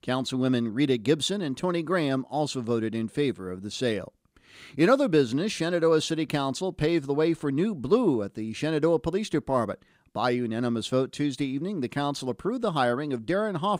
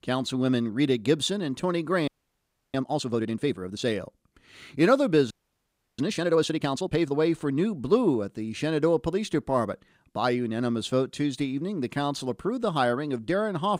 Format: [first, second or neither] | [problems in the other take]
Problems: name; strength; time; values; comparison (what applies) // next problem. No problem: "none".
first | audio freezing; at 2 s for 0.5 s and at 5.5 s for 0.5 s